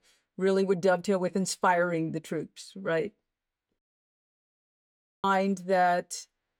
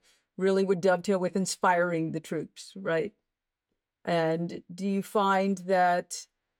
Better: second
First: audio cutting out; at 4 s for 1.5 s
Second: none

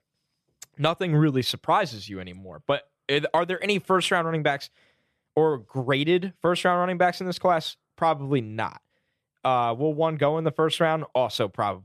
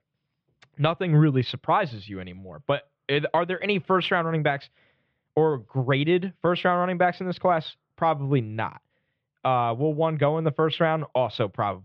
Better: first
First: none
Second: muffled; slightly; fading above 3.5 kHz

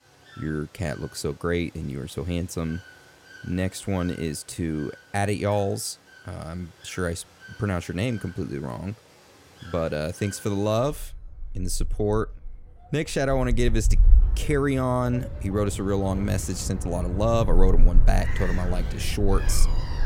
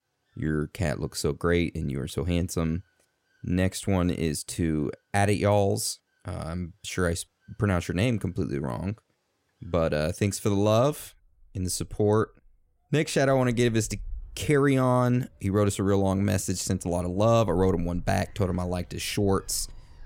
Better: second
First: animal sounds; loud; throughout; as loud as the speech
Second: animal sounds; faint; throughout; 25 dB below the speech

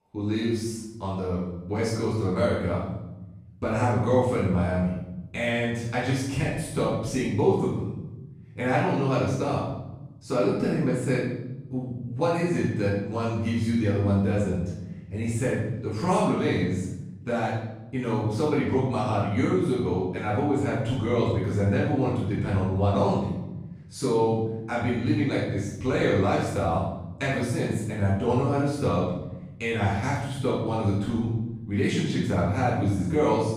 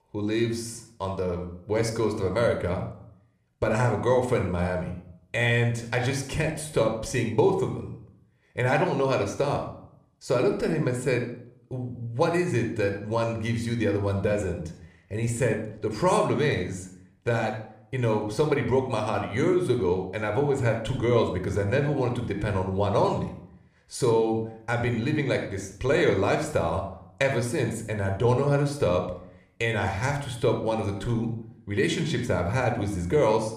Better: second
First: room echo; strong; dies away in 1.1 s // off-mic speech; far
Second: room echo; slight; dies away in 0.5 s

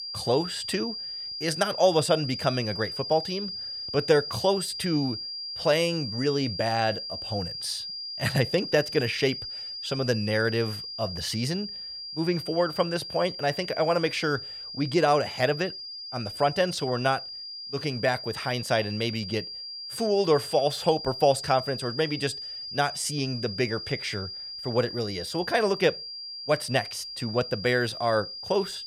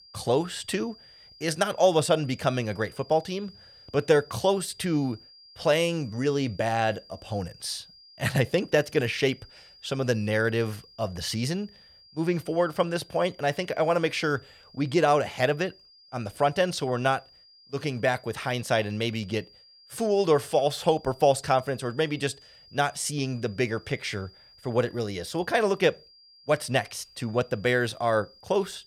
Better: second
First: high-pitched whine; loud; throughout; 5 kHz, 7 dB below the speech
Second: high-pitched whine; faint; throughout; 5 kHz, 25 dB below the speech

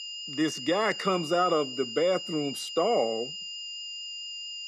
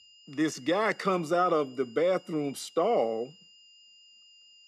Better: second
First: high-pitched whine; loud; throughout; 3 kHz, 8 dB below the speech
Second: high-pitched whine; faint; throughout; 3 kHz, 25 dB below the speech

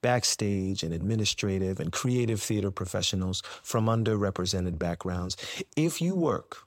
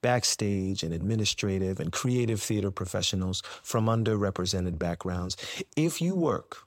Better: neither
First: none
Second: none

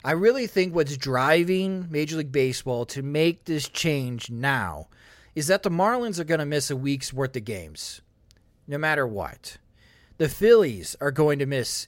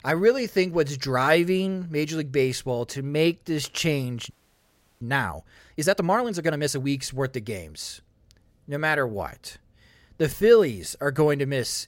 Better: first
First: none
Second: audio freezing; at 4.5 s for 0.5 s

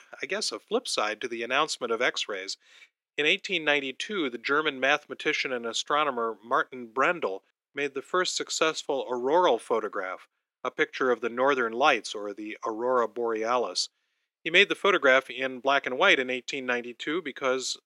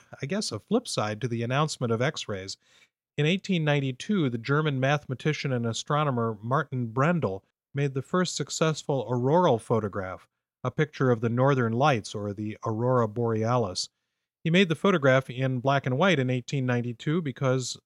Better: second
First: thin; somewhat; fading below 300 Hz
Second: none

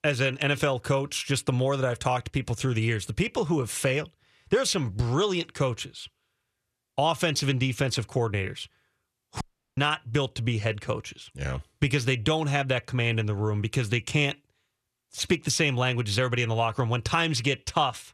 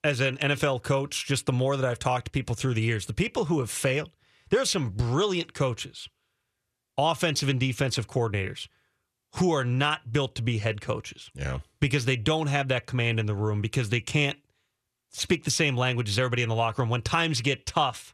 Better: second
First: audio cutting out; at 9.5 s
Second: none

